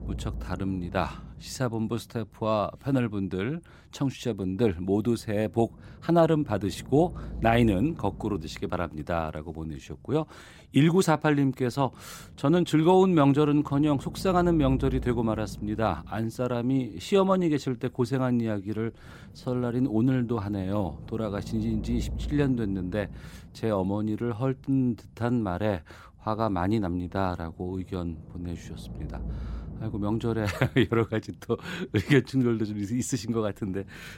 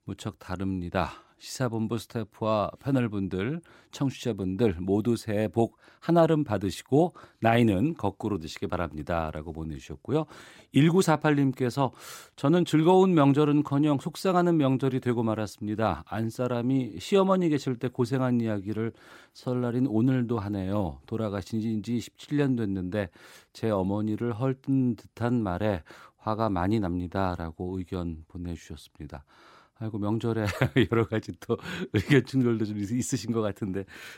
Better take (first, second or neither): second